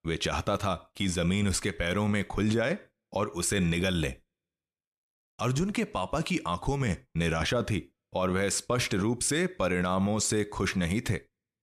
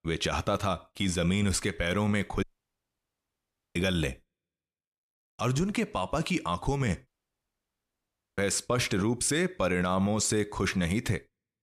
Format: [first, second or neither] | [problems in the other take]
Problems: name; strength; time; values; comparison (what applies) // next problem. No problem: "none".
first | audio cutting out; at 2.5 s for 1.5 s and at 7 s for 1.5 s